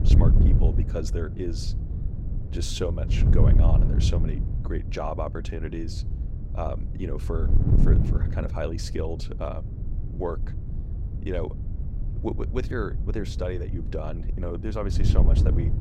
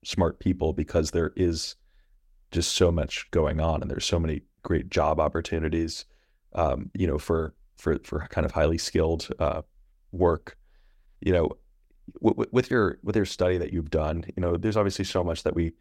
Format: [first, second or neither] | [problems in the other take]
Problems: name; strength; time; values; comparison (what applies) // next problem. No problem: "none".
second | wind noise on the microphone; heavy; 6 dB below the speech